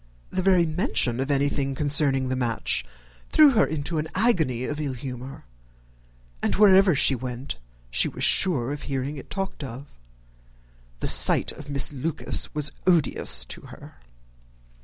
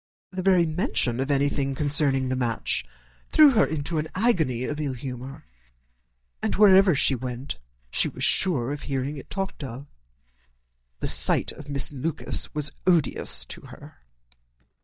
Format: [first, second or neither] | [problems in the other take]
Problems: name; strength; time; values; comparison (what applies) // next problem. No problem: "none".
first | noise reduction (neural mask model DeepFilterNet 3)